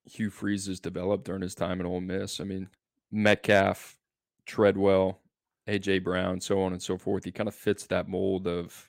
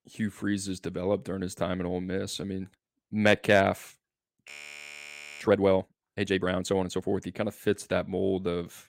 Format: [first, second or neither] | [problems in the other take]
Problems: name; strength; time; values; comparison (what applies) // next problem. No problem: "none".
first | audio freezing; at 4.5 s for 1 s